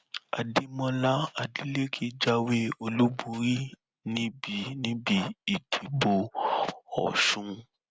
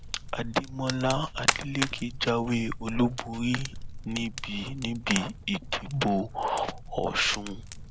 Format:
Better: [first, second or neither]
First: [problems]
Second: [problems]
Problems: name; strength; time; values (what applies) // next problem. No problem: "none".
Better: first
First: none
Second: background sound (Fire); 6 dB below the speech